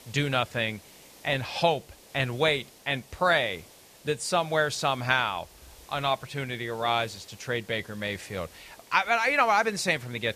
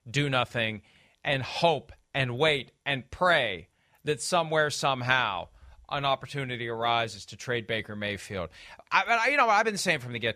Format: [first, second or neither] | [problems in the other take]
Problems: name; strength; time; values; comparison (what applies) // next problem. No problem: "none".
second | hiss; faint; throughout; 25 dB below the speech